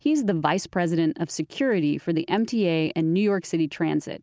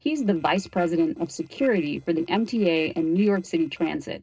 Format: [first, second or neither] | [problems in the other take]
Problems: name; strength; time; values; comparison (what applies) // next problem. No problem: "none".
first | noise reduction (neural separator model SepFormer DNS4)